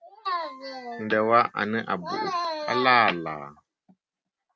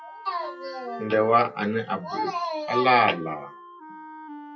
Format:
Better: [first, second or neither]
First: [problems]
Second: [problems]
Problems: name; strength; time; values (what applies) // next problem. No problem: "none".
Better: first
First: none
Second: noise reduction (classical method WPE with log-MMSE)